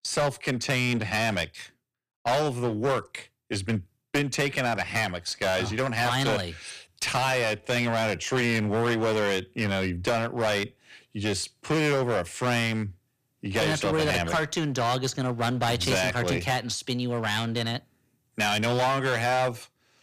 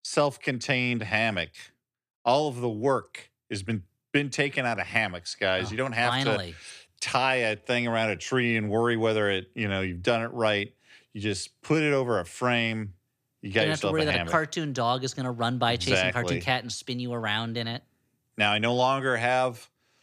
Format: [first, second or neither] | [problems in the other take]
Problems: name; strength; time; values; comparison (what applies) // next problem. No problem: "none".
second | distortion; heavy; 15% of the sound clipped